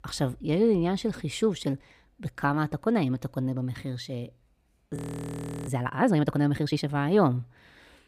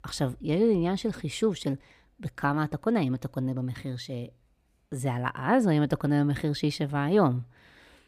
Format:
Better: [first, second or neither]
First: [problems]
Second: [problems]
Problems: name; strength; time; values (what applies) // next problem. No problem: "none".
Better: second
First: audio freezing; at 5 s for 0.5 s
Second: none